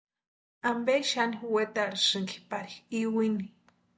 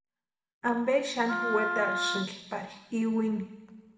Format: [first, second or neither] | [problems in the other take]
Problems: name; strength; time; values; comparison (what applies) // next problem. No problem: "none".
first | background sound (Wind instrument, woodwind instrument); 3 dB below the speech // room echo; dies away in 1.3 s